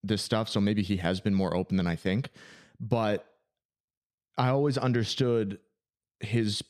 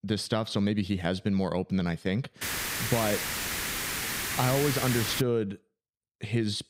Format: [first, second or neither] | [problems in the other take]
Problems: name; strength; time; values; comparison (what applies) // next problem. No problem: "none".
first | hiss; loud; from 2.5 to 5 s; 1 dB below the speech